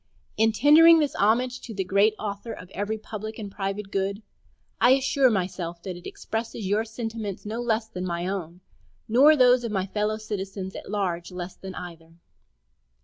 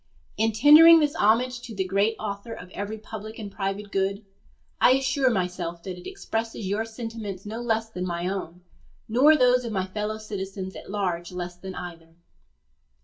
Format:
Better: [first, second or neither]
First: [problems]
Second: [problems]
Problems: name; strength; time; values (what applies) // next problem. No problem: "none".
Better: first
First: none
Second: room echo; dies away in 0.2 s